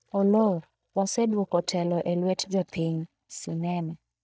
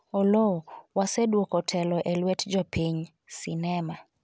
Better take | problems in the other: second | noise reduction (neural mask model DeepFilterNet 3)

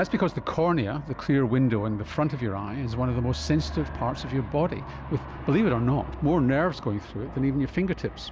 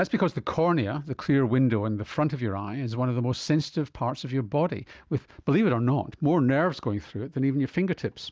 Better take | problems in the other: second | background sound (Aircraft); 12 dB below the speech

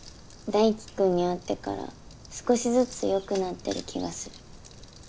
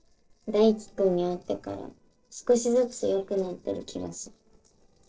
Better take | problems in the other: first | noise reduction (neural separator model SepFormer DNS4)

